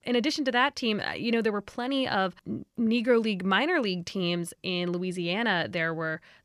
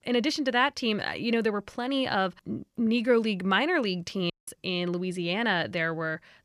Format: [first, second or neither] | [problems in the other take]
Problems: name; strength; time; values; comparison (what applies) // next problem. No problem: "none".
first | audio cutting out; at 4.5 s